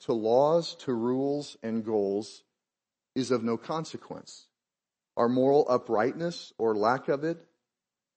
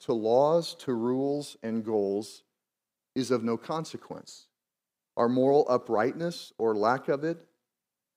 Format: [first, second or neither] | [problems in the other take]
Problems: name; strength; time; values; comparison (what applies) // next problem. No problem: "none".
second | garbled, watery; slightly; nothing above 8 kHz